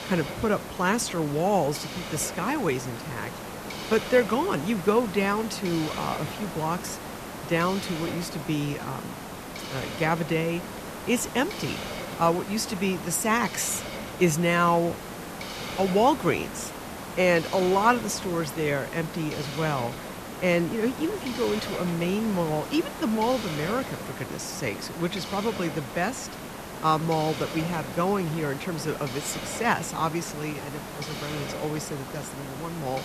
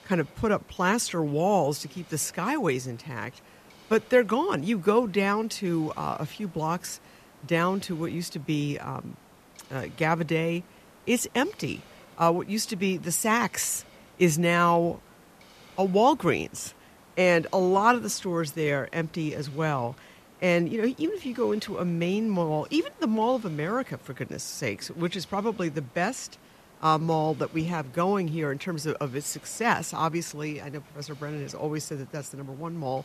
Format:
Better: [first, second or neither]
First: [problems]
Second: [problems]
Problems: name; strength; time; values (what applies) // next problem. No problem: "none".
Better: second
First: hiss; loud; throughout; 9 dB below the speech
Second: hiss; faint; throughout; 25 dB below the speech